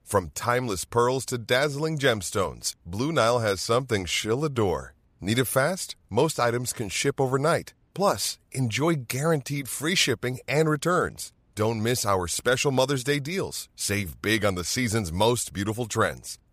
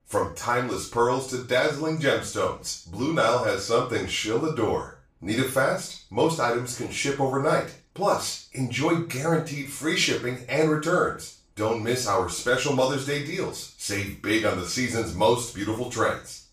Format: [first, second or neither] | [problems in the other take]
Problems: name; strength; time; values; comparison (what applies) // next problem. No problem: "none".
first | room echo; noticeable; dies away in 0.3 s // off-mic speech; far